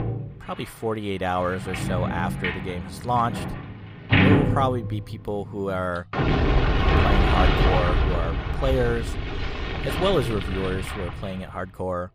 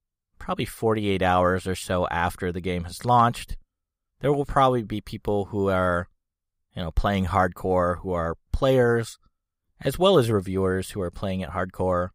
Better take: second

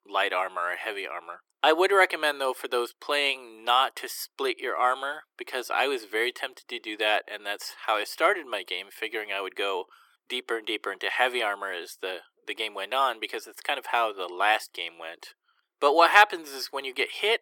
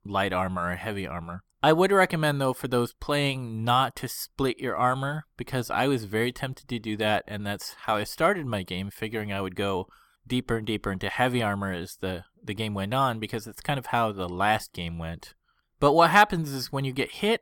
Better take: second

